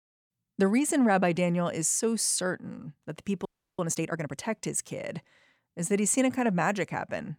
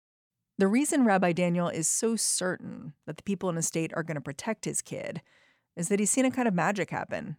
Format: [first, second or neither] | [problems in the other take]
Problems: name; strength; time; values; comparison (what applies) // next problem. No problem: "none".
second | audio freezing; at 3.5 s